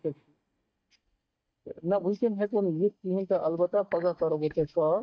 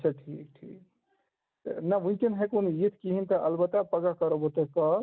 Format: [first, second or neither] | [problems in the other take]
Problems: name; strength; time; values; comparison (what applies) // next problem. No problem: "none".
second | noise reduction (neural mask model DeepFilterNet 3)